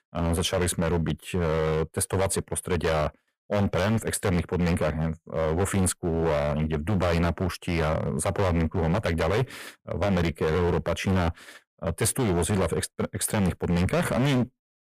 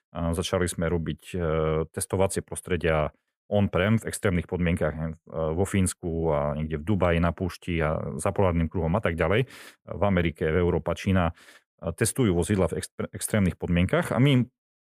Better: second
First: distortion; heavy; 17% of the sound clipped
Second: none

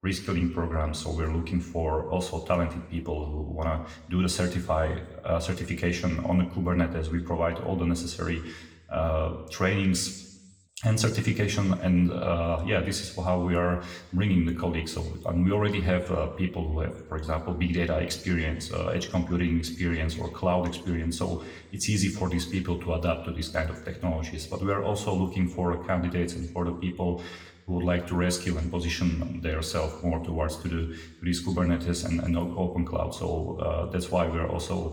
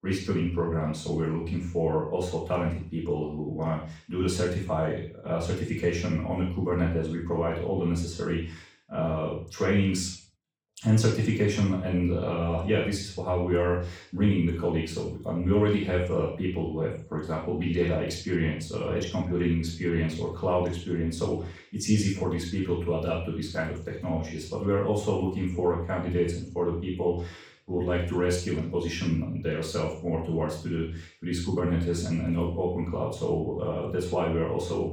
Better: first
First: room echo; slight; dies away in 0.9 s // off-mic speech; somewhat distant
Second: room echo; strong; dies away in 0.4 s // off-mic speech; far

